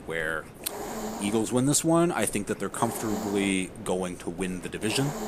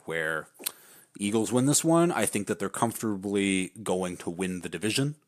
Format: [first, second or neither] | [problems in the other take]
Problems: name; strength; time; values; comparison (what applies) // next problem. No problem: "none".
second | hiss; noticeable; throughout; 10 dB below the speech